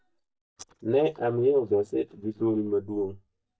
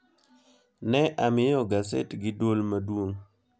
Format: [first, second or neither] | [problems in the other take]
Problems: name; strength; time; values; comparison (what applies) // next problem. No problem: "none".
second | noise reduction (neural mask model DeepFilterNet 3)